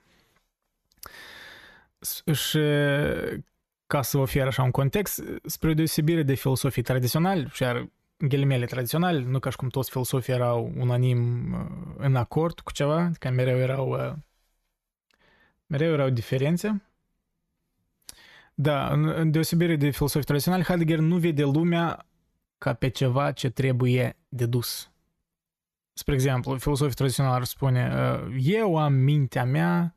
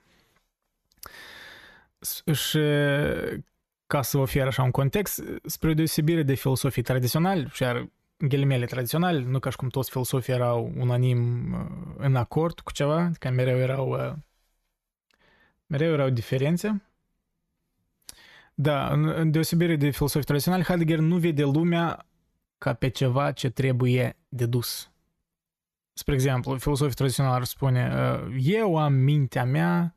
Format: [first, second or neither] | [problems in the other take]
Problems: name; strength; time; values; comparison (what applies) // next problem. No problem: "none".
neither | none